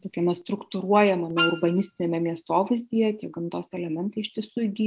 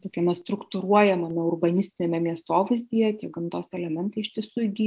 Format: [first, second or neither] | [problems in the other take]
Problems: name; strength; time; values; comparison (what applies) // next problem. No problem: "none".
second | background sound (Wind instrument, woodwind instrument); 4 dB below the speech